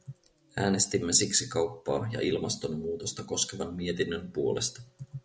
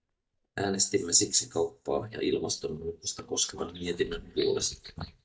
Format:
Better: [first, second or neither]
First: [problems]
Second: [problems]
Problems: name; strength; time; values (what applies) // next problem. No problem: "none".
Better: first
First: none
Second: noise reduction (neural mask model DeepFilterNet 3)